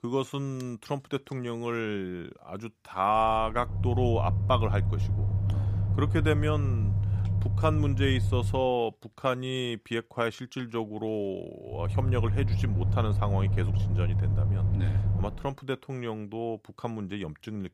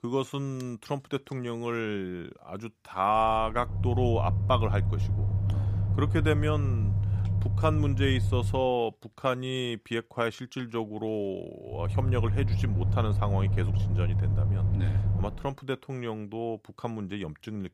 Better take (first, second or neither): neither